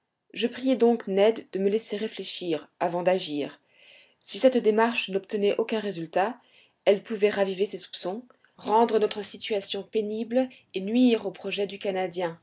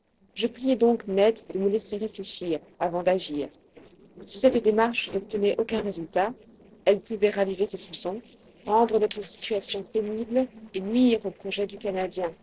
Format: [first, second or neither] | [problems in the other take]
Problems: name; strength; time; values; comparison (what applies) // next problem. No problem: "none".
first | noise reduction (neural separator model SepFormer DNS4)